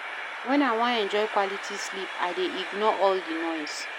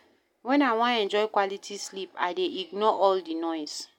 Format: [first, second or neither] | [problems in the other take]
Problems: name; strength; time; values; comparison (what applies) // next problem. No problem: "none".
second | background sound (Train); 8 dB below the speech